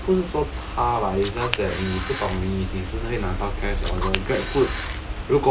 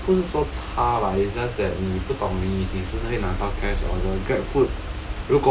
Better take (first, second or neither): second